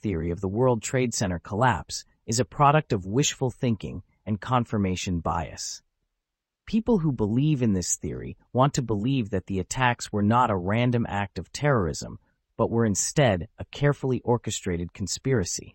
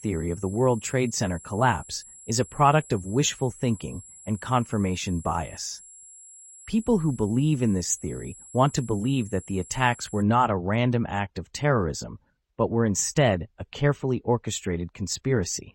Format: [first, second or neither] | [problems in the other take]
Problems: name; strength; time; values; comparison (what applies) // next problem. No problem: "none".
first | high-pitched whine; noticeable; until 10 s; 7.5 kHz, 20 dB below the speech